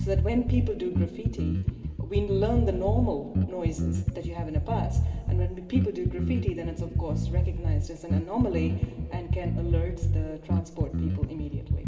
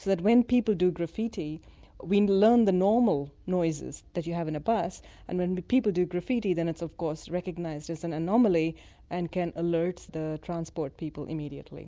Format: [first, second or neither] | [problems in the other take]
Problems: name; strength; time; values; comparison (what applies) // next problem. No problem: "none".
second | background sound (Bass guitar); 4 dB above the speech // room echo; dies away in 2.4 s